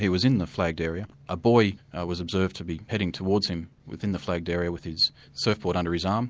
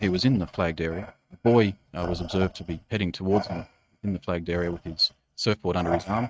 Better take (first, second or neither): first